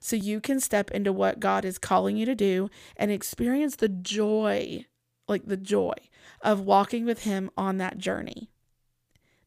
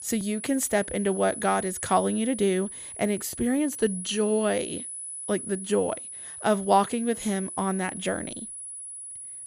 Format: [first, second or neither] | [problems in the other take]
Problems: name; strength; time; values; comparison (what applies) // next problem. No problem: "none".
first | high-pitched whine; loud; throughout; 10 kHz, 9 dB below the speech